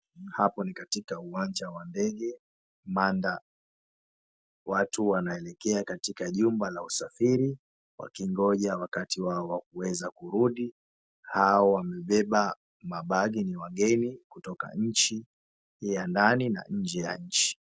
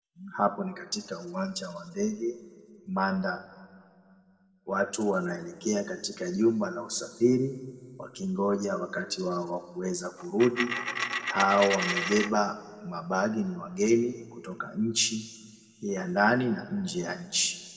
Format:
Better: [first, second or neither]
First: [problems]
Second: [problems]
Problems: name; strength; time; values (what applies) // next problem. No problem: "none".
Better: first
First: none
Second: background sound (Coin (dropping)); 2 dB below the speech // room echo; dies away in 1.4 s